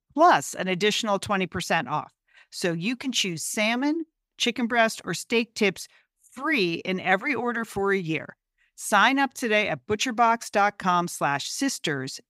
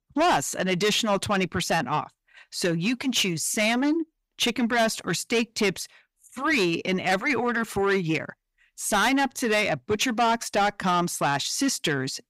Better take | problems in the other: first | distortion; heavy; 8 dB below the speech

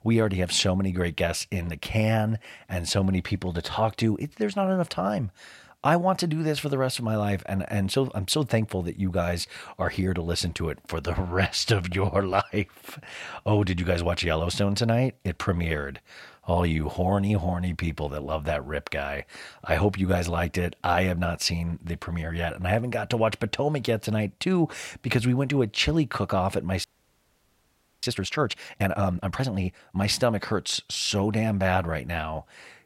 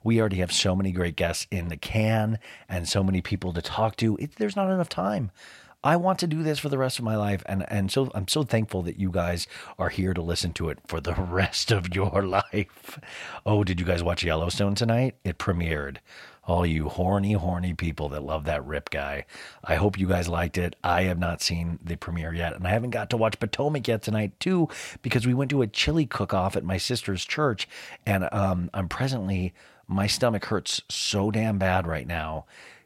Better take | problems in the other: second | audio freezing; at 27 s for 1 s

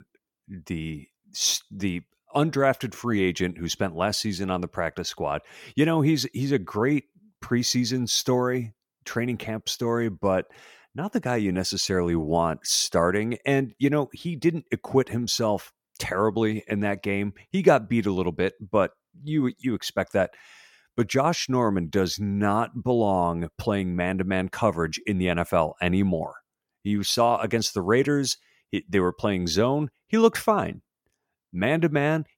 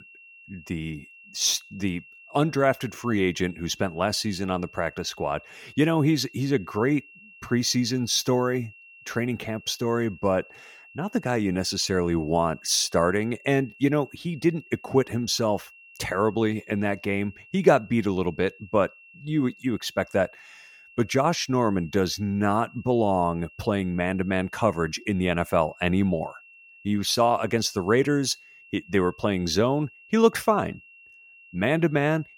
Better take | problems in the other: first | high-pitched whine; faint; throughout; 2.5 kHz, 25 dB below the speech

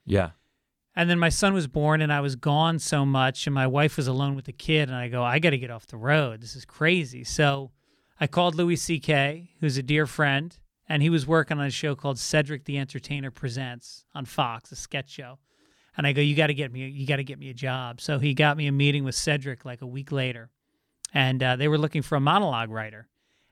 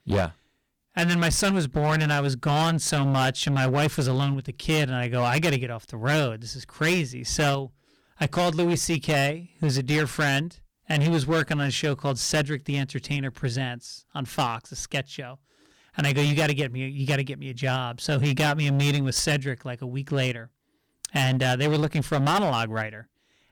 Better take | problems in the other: first | distortion; heavy; 14% of the sound clipped

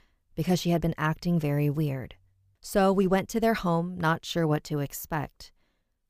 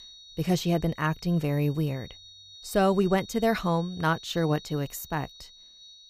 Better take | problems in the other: first | high-pitched whine; noticeable; throughout; 4 kHz, 20 dB below the speech

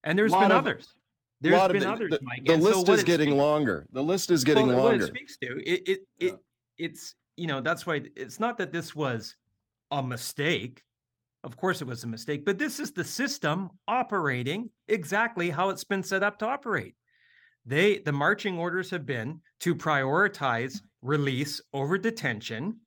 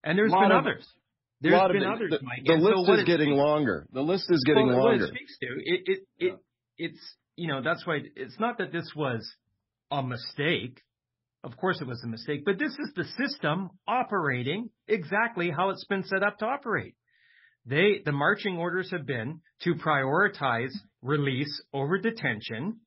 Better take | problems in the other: first | garbled, watery; badly; nothing above 5.5 kHz

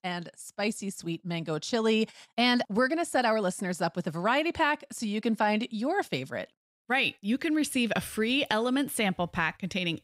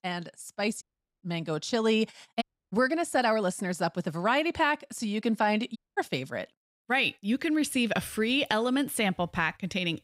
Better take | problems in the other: first | audio cutting out; at 1 s, at 2.5 s and at 6 s

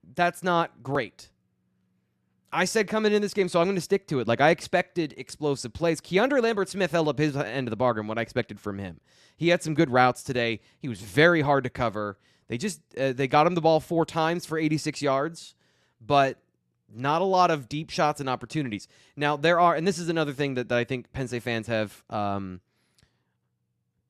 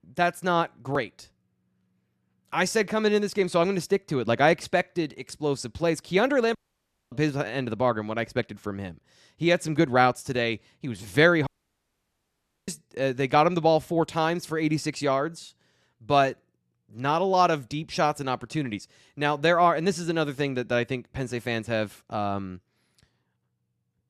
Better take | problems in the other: first | audio cutting out; at 6.5 s for 0.5 s and at 11 s for 1 s

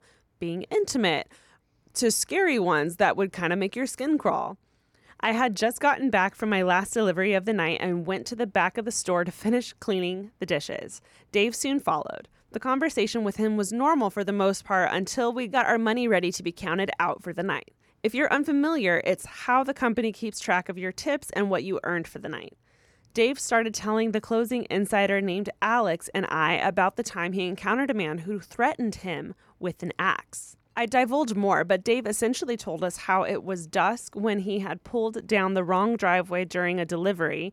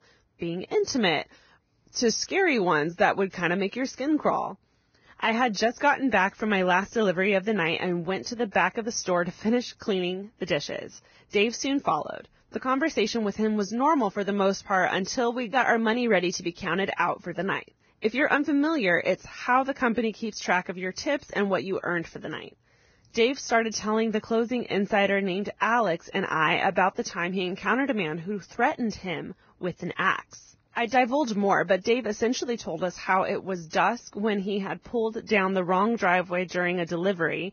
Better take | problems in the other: first | garbled, watery; badly; nothing above 6.5 kHz

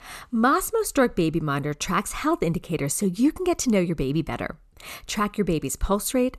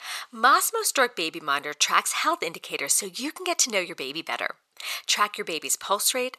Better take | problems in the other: first | thin; very; fading below 750 Hz

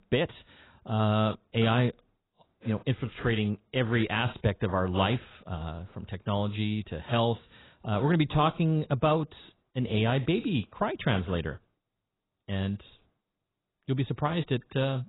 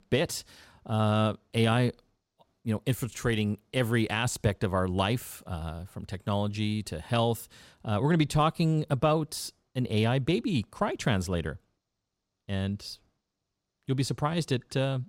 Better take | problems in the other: second | garbled, watery; badly; nothing above 4 kHz

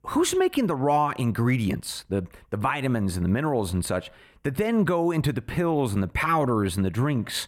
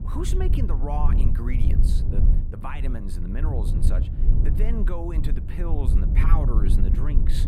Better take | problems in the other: first | low rumble; loud; throughout; 4 dB below the speech

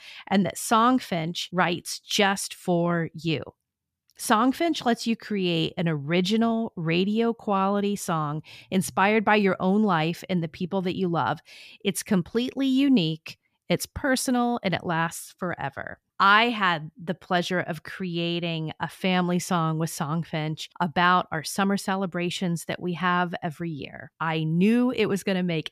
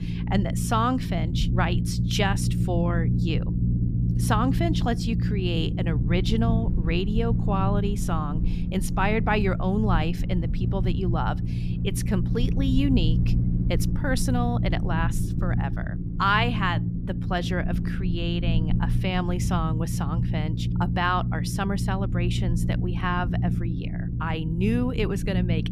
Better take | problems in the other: first | low rumble; loud; throughout; 8 dB below the speech

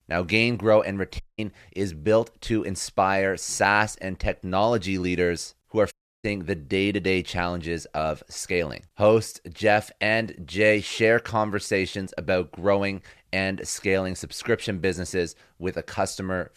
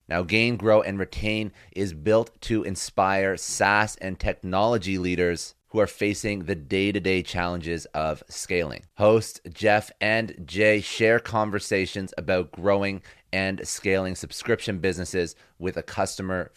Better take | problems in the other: second | audio cutting out; at 1 s and at 6 s

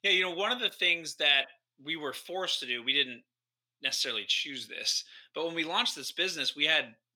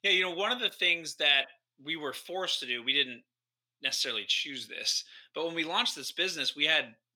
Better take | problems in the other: neither | thin; somewhat; fading below 950 Hz; the same in both

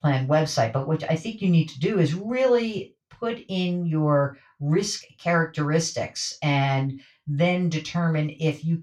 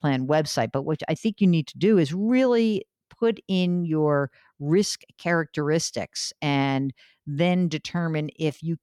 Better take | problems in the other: second | room echo; slight; dies away in 0.2 s // off-mic speech; far

